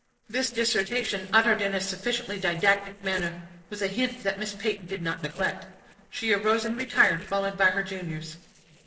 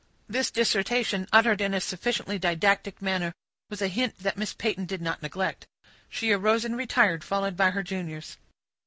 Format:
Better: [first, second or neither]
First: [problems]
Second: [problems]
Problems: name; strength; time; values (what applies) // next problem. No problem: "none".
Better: second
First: noise reduction (neural separator model SepFormer DNS4)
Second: none